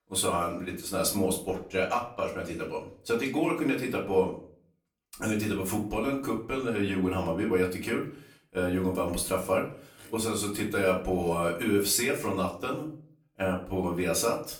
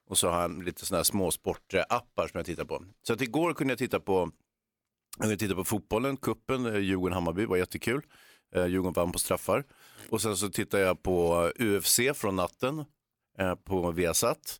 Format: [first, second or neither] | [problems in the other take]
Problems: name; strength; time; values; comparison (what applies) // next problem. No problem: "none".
second | off-mic speech; far // room echo; slight; dies away in 0.4 s